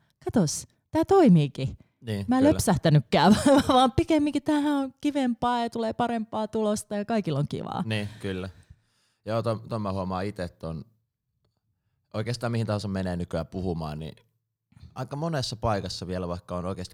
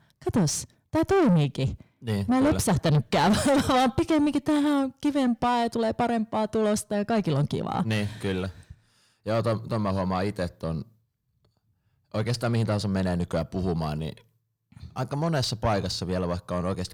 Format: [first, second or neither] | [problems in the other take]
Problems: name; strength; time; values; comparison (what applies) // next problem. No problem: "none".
first | distortion; heavy; 8 dB below the speech